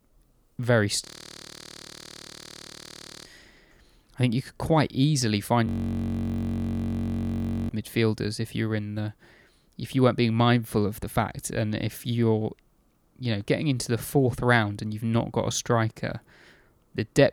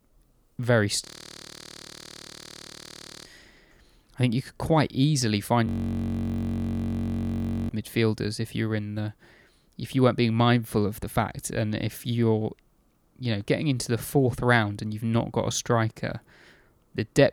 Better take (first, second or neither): neither